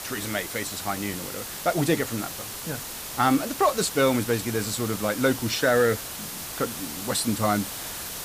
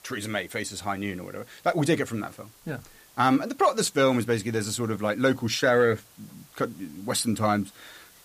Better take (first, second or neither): second